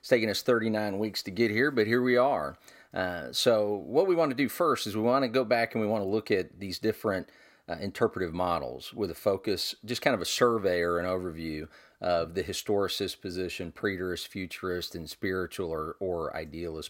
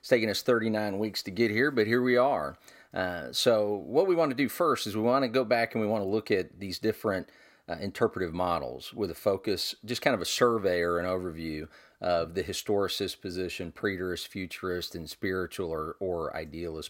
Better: neither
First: none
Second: none

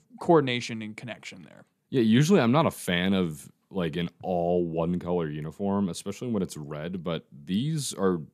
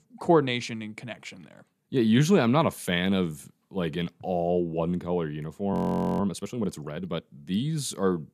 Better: first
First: none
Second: audio freezing; at 5.5 s

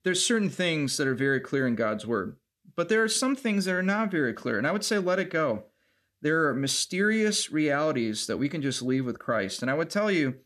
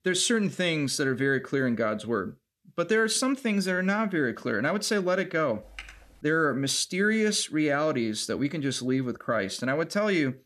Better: first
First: none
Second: keyboard typing; faint; at 5.5 s; peak 15 dB below the speech

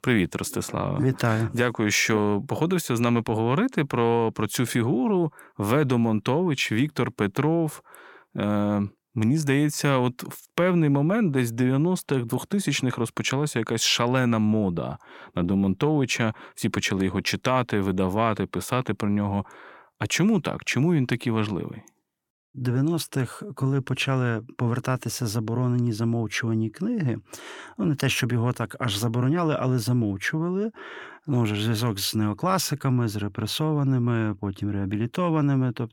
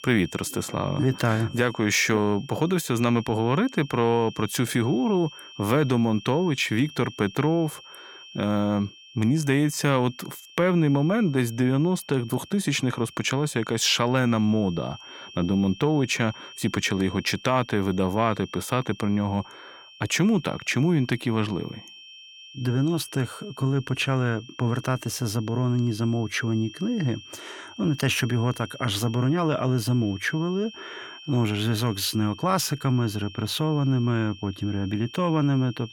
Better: first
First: none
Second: high-pitched whine; noticeable; throughout; 3 kHz, 20 dB below the speech

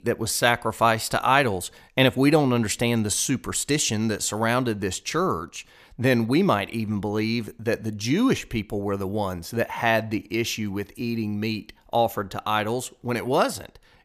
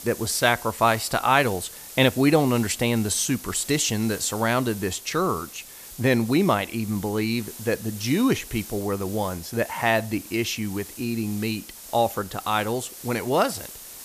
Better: first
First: none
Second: hiss; noticeable; throughout; 15 dB below the speech

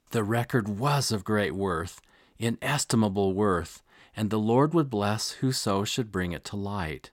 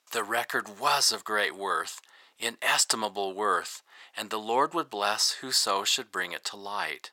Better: first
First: none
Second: thin; very; fading below 750 Hz

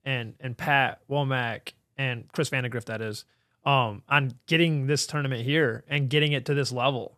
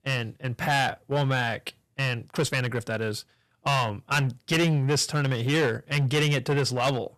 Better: first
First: none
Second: distortion; heavy; 11% of the sound clipped

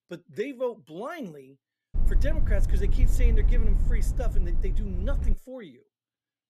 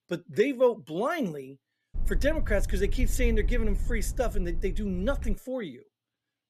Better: second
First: low rumble; loud; from 2 to 5.5 s; 9 dB below the speech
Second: low rumble; faint; from 2 to 5.5 s; 20 dB below the speech

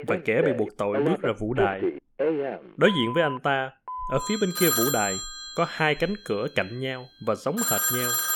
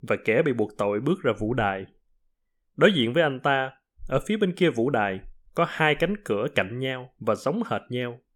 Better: second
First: alarms or sirens; loud; throughout; 1 dB below the speech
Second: none

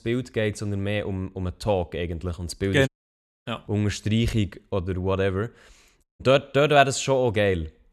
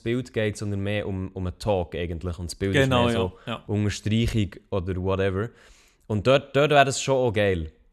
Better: second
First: audio cutting out; at 3 s for 0.5 s and at 6 s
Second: none

